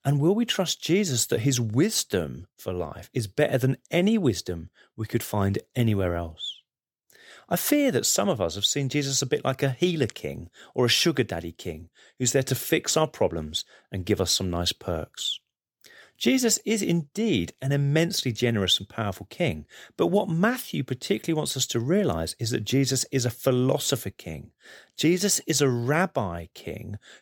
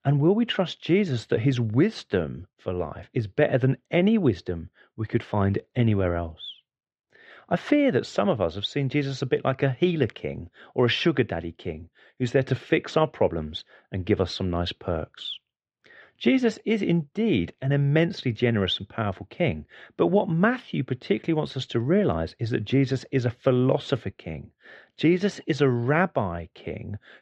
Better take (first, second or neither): first